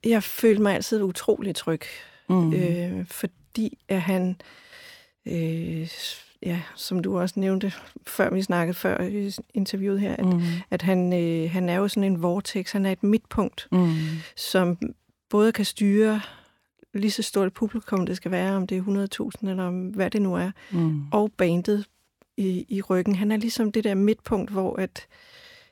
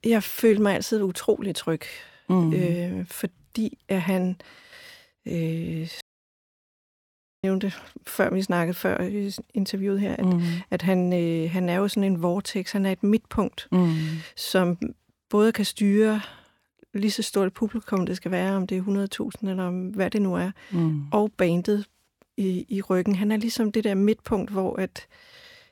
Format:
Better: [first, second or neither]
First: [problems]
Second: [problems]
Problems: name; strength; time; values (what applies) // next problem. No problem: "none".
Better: first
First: none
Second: audio cutting out; at 6 s for 1.5 s